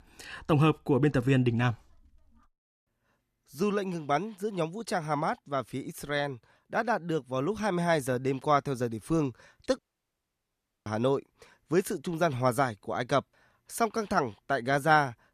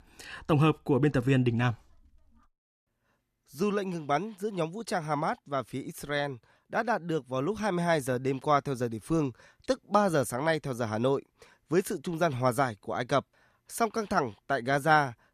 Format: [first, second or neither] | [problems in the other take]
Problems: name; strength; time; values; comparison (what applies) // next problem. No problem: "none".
second | audio cutting out; at 10 s for 1 s